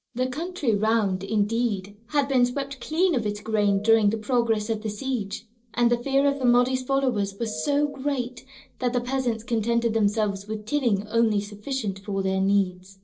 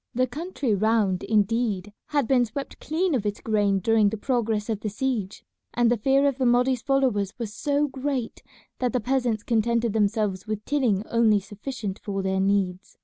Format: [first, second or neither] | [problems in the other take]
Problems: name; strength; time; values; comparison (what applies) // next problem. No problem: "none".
second | noise reduction (neural separator model SepFormer DNS4)